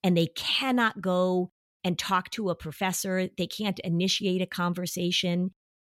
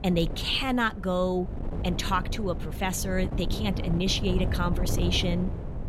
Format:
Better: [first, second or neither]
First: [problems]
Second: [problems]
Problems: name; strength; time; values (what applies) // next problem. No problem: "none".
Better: first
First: none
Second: wind noise on the microphone; occasional gusts; 10 dB below the speech